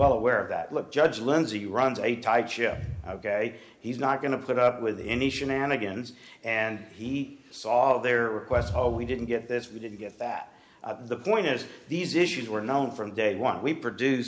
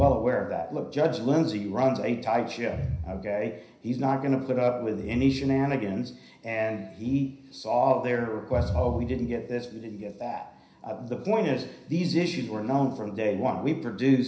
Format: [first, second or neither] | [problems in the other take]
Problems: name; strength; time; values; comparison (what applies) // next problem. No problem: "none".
first | room echo; dies away in 0.5 s